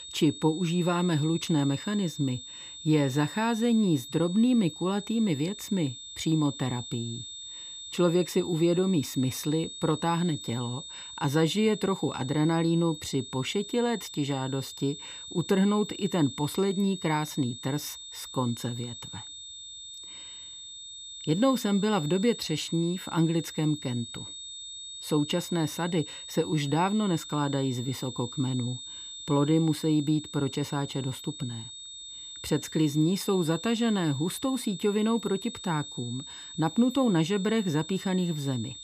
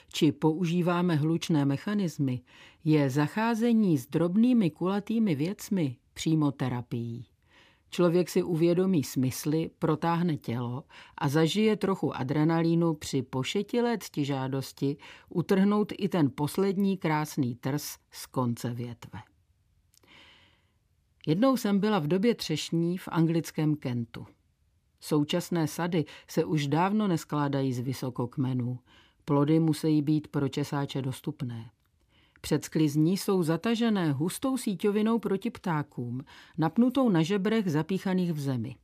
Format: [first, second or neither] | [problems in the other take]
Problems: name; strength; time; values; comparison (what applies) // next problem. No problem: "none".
second | high-pitched whine; noticeable; throughout; 3.5 kHz, 10 dB below the speech